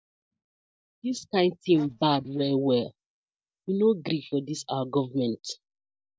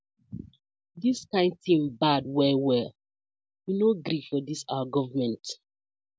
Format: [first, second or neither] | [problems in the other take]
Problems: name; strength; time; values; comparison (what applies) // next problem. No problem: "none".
second | noise reduction (neural mask model DeepFilterNet 3)